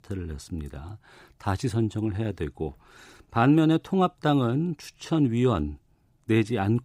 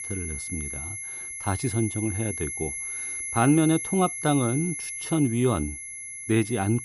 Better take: first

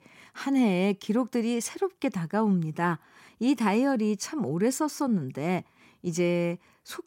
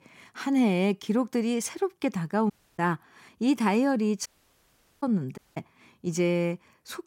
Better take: first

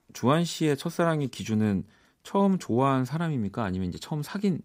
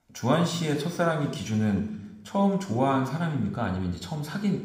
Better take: first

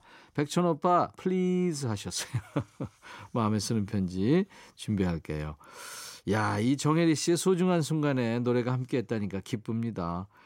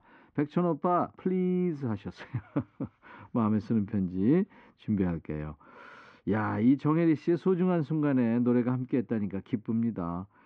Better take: first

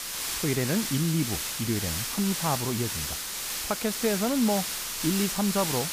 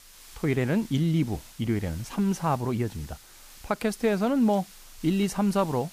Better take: second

